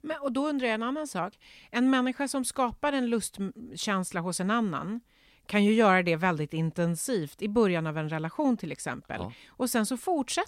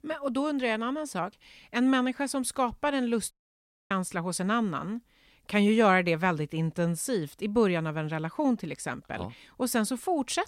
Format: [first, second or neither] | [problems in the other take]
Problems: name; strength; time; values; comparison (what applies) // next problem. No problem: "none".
first | audio cutting out; at 3.5 s for 0.5 s